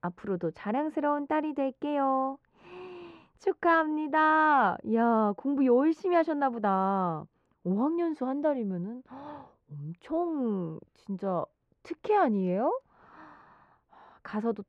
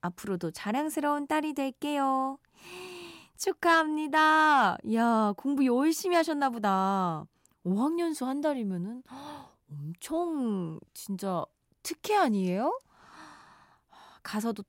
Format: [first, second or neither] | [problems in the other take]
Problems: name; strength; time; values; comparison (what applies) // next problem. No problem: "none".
second | muffled; very; fading above 2 kHz